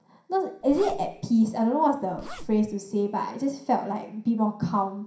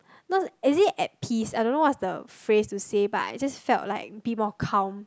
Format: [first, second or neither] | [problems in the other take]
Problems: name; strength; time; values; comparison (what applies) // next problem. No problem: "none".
second | background sound (Zipper (clothing)); 13 dB below the speech // room echo; dies away in 0.5 s